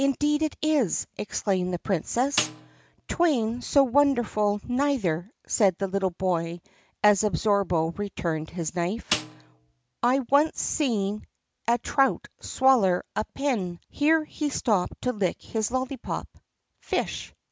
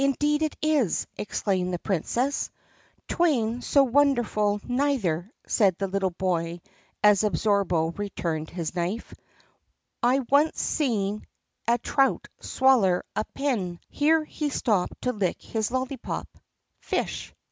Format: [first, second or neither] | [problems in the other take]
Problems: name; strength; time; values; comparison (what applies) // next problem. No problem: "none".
second | background sound (Snare drum); 10 dB below the speech